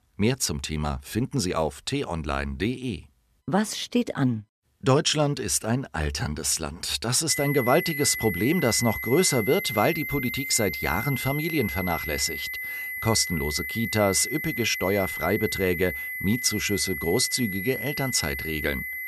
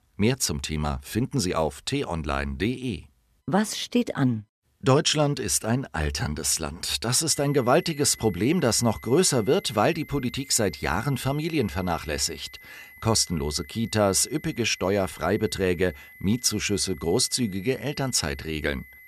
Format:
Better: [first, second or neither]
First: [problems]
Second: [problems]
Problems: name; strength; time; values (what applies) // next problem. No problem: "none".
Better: second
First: high-pitched whine; loud; from 7.5 s on; 2 kHz, 5 dB below the speech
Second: high-pitched whine; faint; from 7.5 s on; 2 kHz, 20 dB below the speech